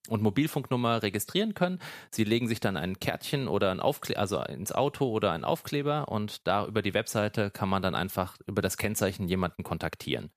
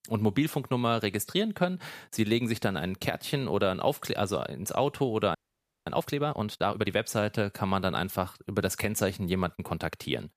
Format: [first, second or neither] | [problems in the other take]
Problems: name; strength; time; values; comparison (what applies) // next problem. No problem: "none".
first | audio freezing; at 5.5 s for 0.5 s